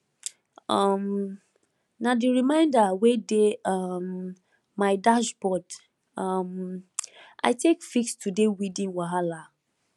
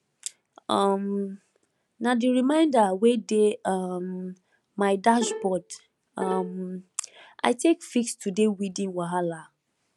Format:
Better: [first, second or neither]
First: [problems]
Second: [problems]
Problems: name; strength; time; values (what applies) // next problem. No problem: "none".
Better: first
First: none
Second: background sound (Bowed string instrument); 11 dB below the speech